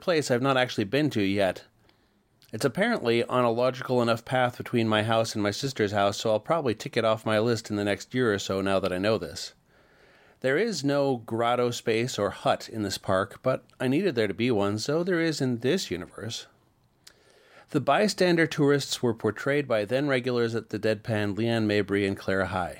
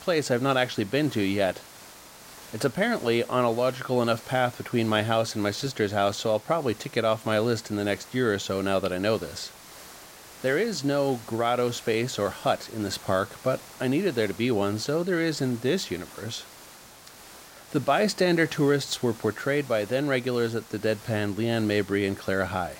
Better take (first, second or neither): first